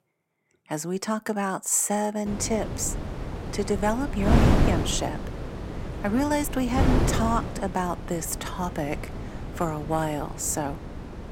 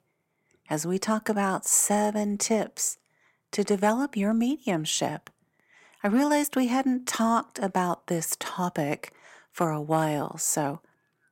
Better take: second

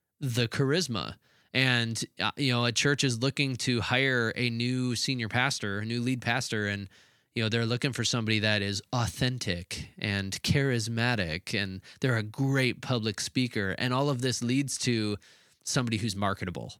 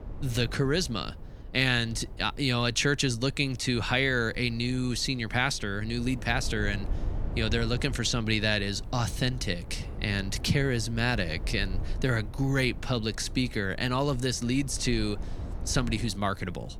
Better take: first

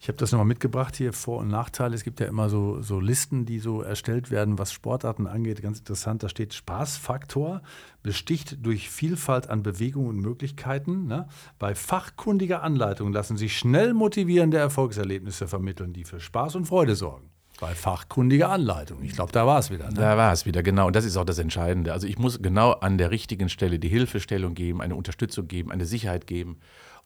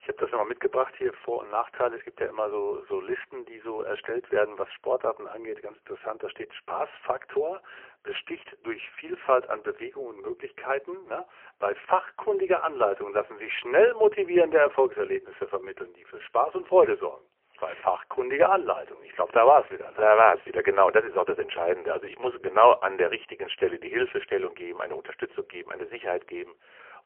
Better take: first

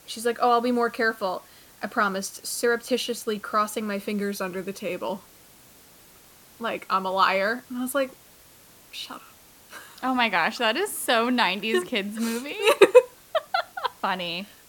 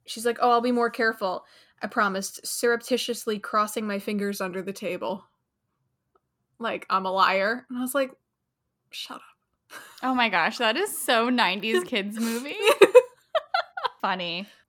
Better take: second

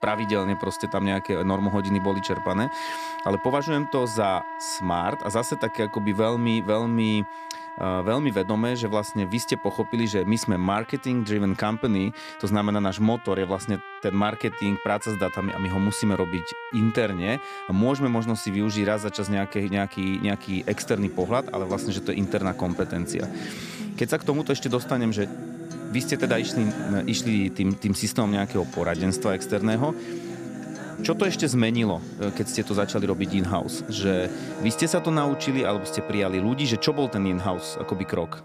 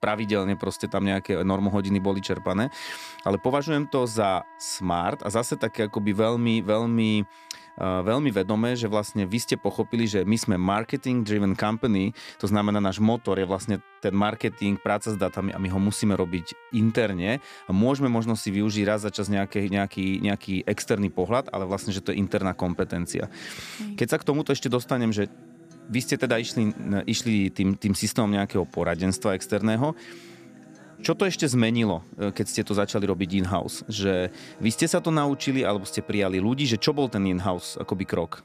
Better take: second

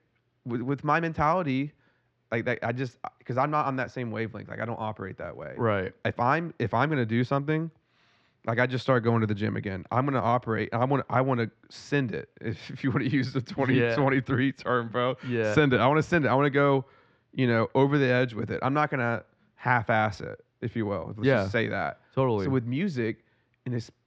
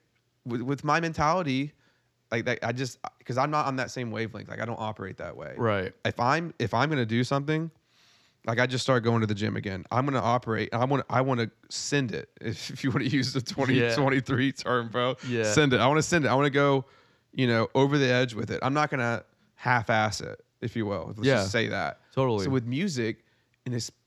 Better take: second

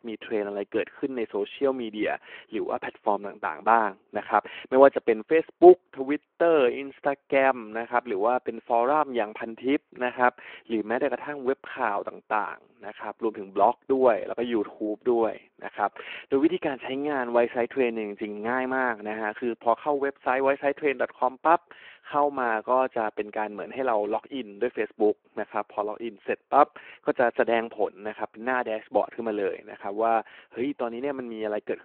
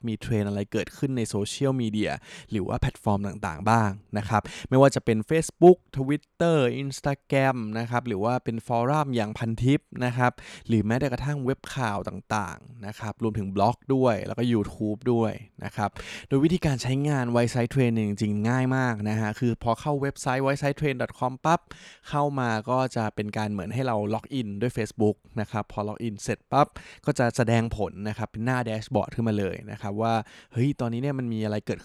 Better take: second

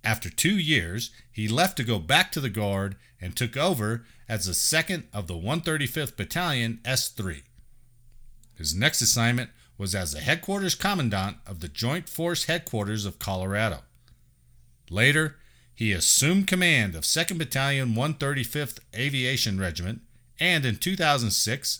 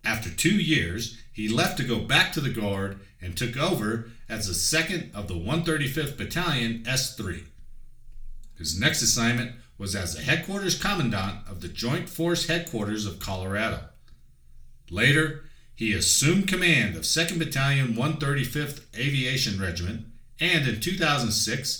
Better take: first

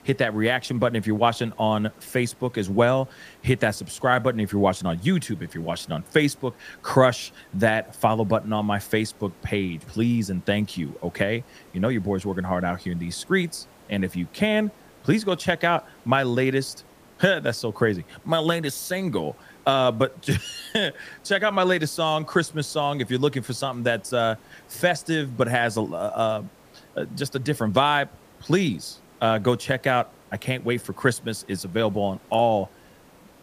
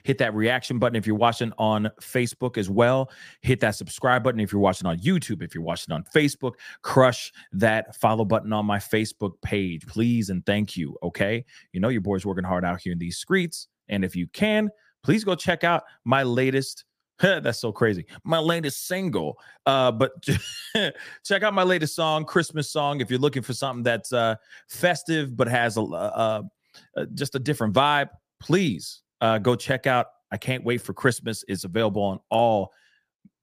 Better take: second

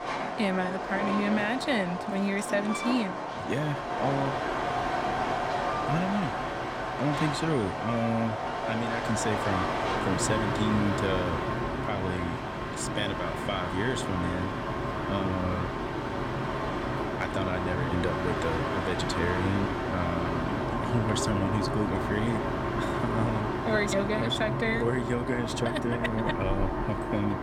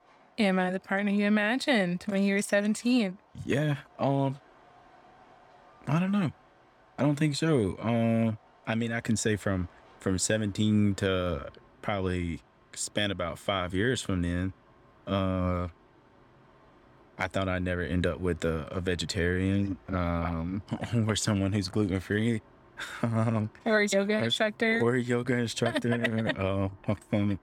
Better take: second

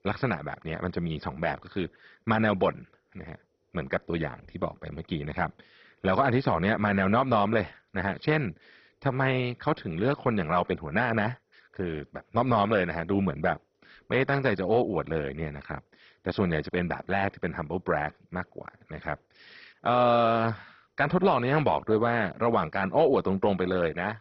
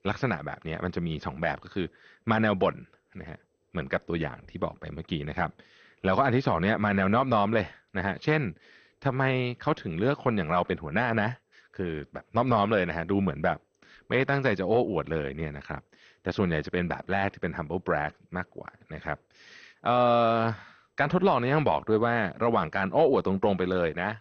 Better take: second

